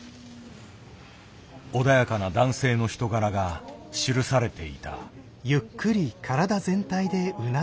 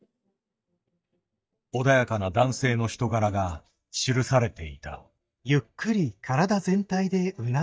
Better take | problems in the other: first | noise reduction (neural mask model DeepFilterNet 3)

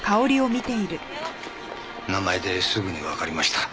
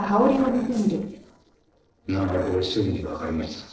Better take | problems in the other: first | noise reduction (neural separator model SepFormer DNS4)

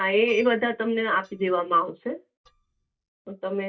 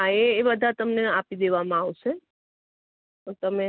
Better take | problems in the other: second | noise reduction (neural mask model DeepFilterNet 3)

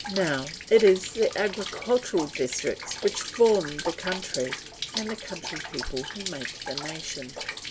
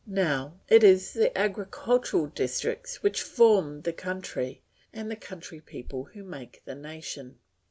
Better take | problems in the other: second | background sound (Rain); 9 dB below the speech

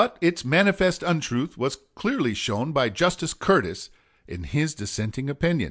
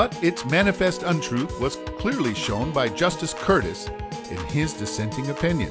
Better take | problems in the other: first | background sound (Piano / Organ); 9 dB below the speech

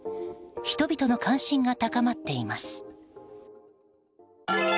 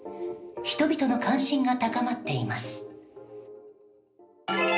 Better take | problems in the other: first | room echo; dies away in 0.5 s

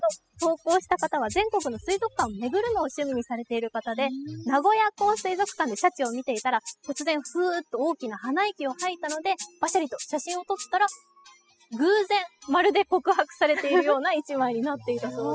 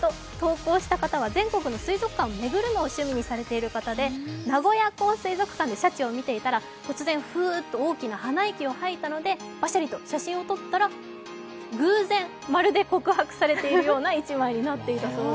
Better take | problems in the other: second | noise reduction (classical method spectral subtraction)

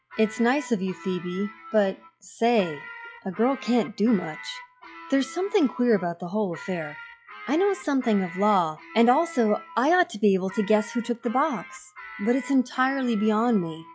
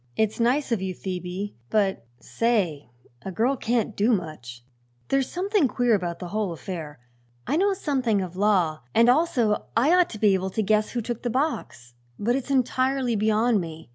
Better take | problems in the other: second | noise reduction (classical method log-MMSE)

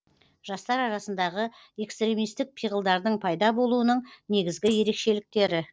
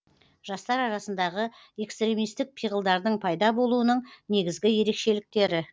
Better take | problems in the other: second | noise reduction (neural separator model SepFormer DNS4)

